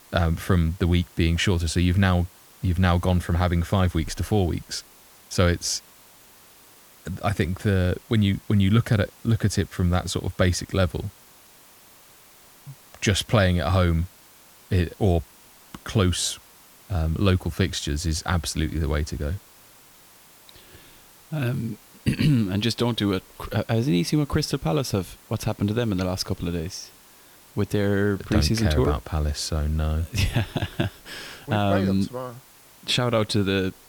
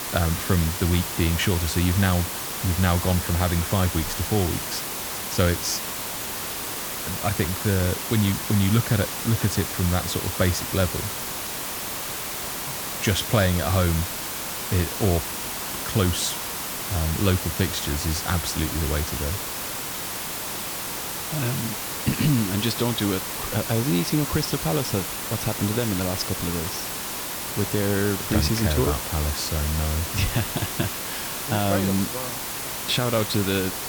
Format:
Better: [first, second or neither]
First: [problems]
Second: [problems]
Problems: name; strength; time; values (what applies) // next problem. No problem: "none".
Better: first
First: hiss; faint; throughout; 25 dB below the speech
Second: hiss; loud; throughout; 3 dB below the speech